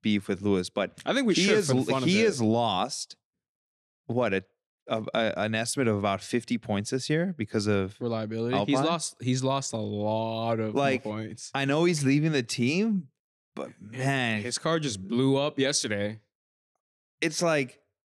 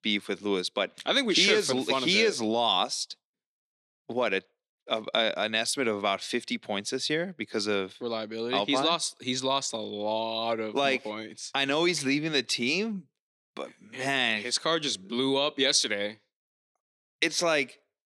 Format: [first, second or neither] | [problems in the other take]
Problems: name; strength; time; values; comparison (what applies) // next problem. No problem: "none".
first | thin; very slightly; fading below 300 Hz